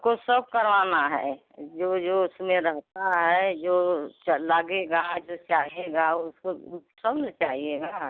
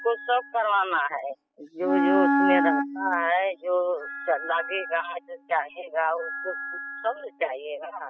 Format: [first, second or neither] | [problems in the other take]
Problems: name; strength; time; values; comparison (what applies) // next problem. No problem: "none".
first | noise reduction (classical method spectral subtraction)